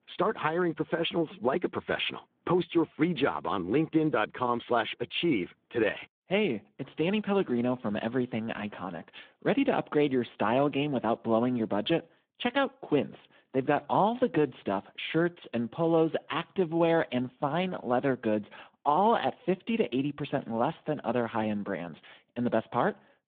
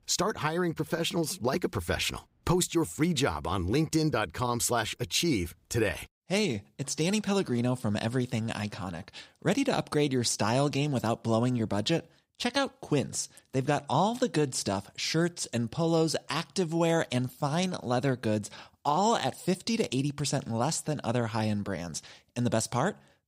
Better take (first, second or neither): second